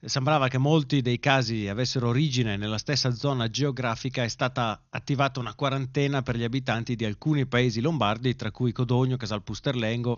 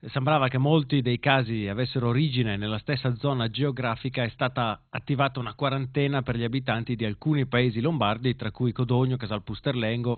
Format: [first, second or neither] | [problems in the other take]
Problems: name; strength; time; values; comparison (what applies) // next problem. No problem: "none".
first | garbled, watery; badly; nothing above 4 kHz; slightly in the first